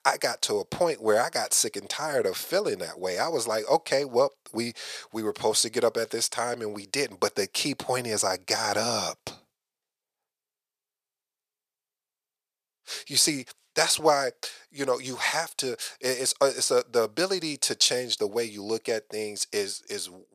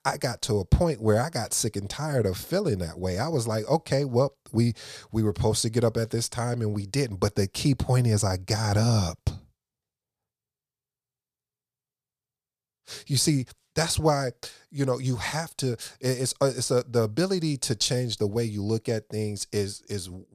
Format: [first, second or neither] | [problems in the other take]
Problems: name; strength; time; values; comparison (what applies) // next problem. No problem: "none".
second | thin; very; fading below 450 Hz